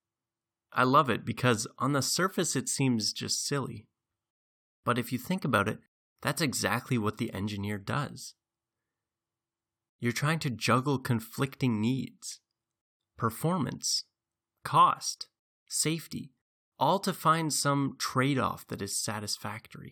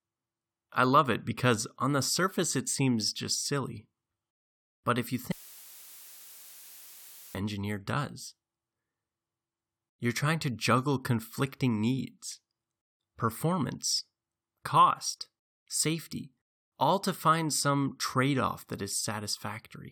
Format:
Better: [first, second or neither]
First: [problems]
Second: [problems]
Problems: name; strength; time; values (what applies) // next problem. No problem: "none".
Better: first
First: none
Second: audio cutting out; filled with static; at 5.5 s for 2 s